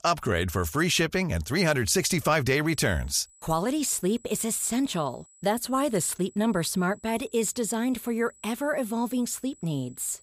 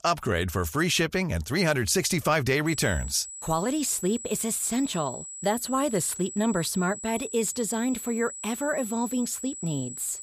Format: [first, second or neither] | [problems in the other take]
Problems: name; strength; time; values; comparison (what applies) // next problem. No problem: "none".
first | high-pitched whine; loud; from 2.5 s on; 8 kHz, 10 dB below the speech; faint in the first